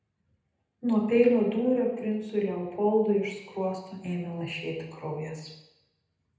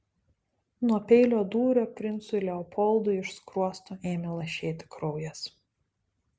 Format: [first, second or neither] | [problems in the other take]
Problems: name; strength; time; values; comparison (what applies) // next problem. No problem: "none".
second | room echo; dies away in 0.8 s